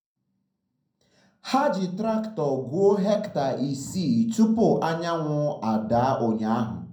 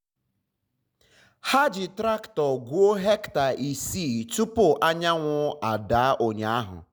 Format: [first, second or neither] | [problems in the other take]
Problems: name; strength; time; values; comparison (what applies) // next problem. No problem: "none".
second | room echo; dies away in 0.6 s